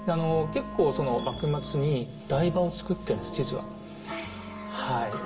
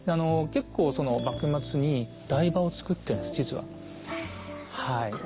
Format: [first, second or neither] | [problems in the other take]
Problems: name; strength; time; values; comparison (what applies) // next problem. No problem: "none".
second | background sound (Wind instrument, woodwind instrument); 12 dB below the speech // room echo; dies away in 0.7 s